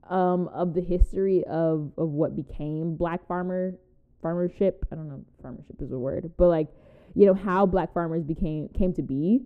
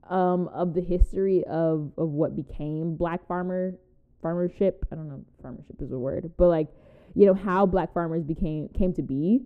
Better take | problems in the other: neither | muffled; very; fading above 1 kHz; the same in both

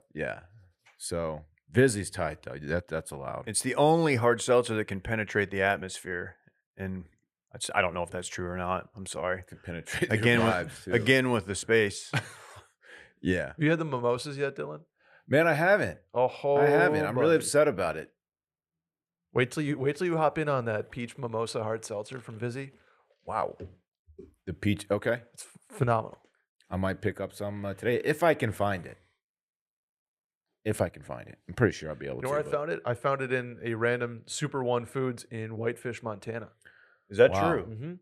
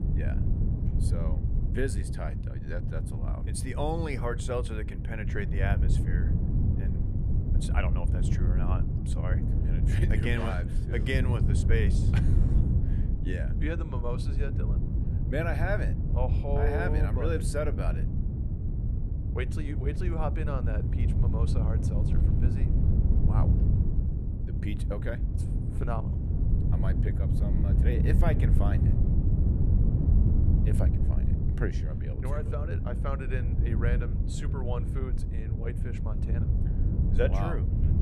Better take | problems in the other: first | low rumble; loud; throughout; 4 dB below the speech

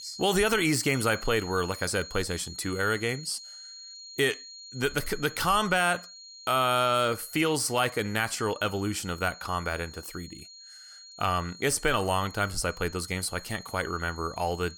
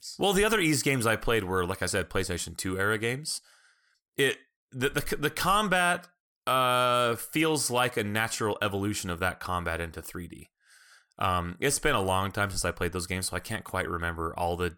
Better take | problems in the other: second | high-pitched whine; noticeable; throughout; 4.5 kHz, 15 dB below the speech

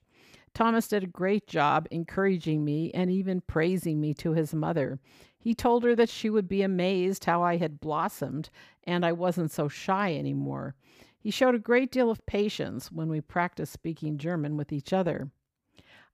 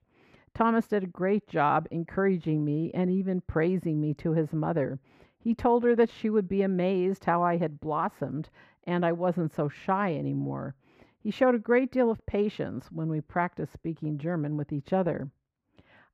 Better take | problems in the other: first | muffled; slightly; fading above 3 kHz

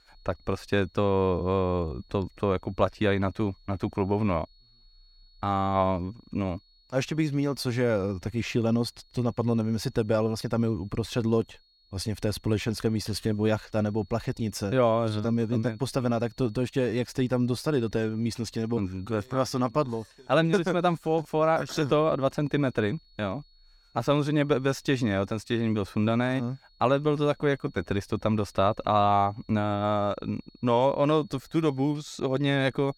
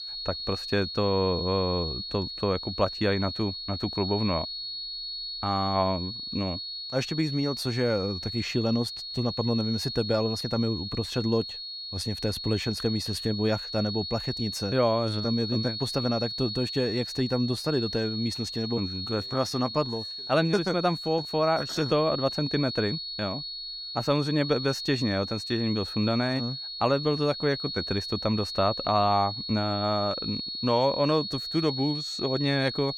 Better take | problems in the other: first | high-pitched whine; loud; throughout; 4.5 kHz, 5 dB below the speech; faint in the first

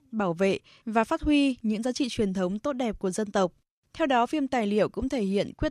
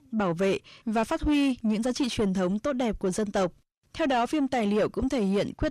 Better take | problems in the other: first | distortion; slight; 10 dB below the speech

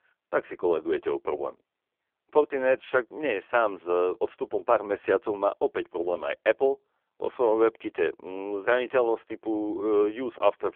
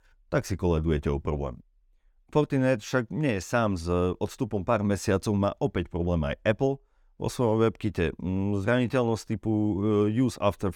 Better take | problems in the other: second | phone-call audio; poor line; nothing above 3.5 kHz

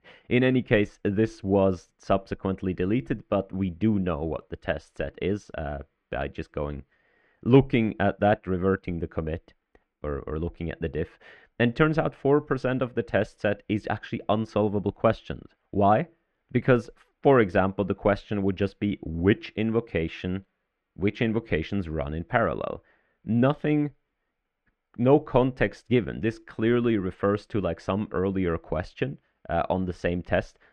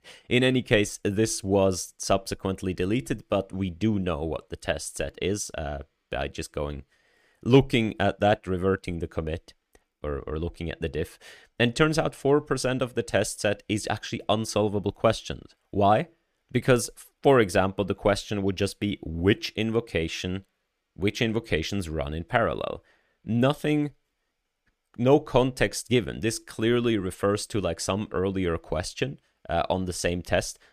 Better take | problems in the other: second | muffled; very; fading above 2 kHz

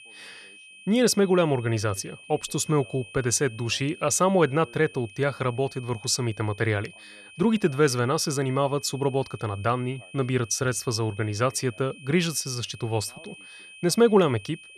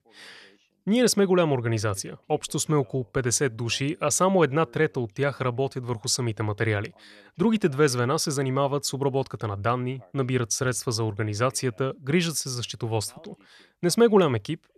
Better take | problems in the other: second | high-pitched whine; noticeable; throughout; 2.5 kHz, 20 dB below the speech

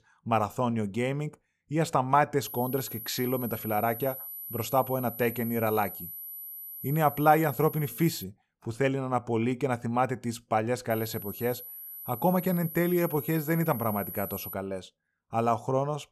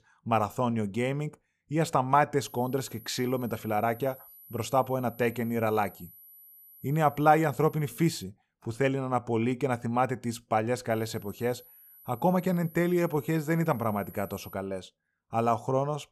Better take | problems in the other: second | high-pitched whine; loud; from 2.5 to 8 s and from 11 to 15 s; 12 kHz, 10 dB below the speech; faint in the second

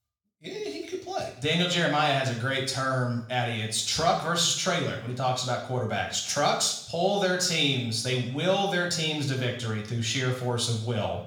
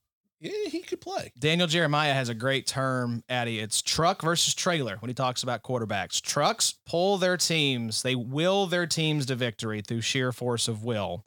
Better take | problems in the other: second | room echo; noticeable; dies away in 0.6 s // off-mic speech; somewhat distant

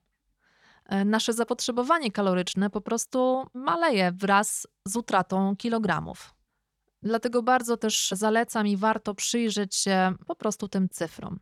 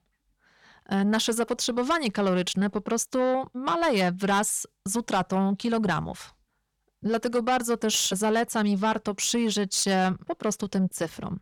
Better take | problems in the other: first | distortion; slight; 10 dB below the speech

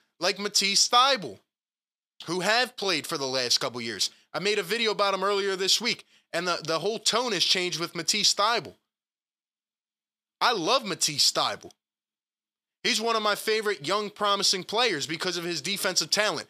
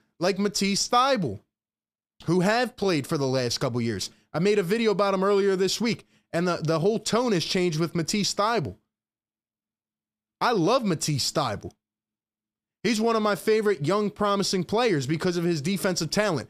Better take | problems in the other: second | thin; somewhat; fading below 1 kHz

